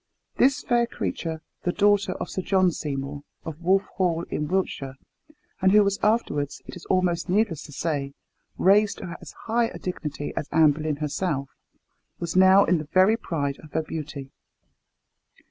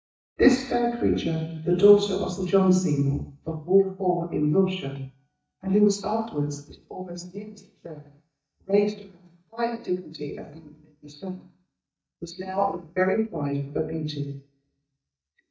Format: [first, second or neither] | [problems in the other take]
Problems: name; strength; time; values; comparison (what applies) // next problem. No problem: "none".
first | noise reduction (neural mask model DeepFilterNet 3)